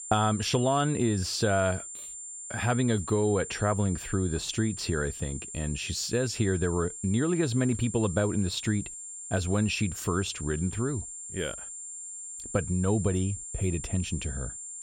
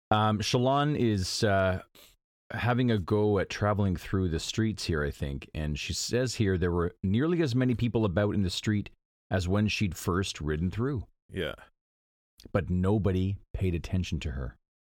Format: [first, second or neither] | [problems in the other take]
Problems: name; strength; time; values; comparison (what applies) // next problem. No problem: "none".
second | high-pitched whine; loud; throughout; 7.5 kHz, 9 dB below the speech